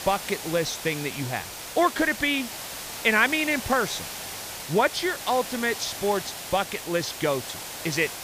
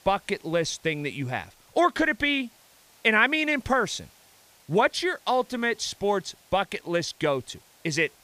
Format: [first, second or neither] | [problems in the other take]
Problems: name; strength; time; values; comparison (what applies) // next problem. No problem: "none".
second | hiss; loud; throughout; 8 dB below the speech; faint in the second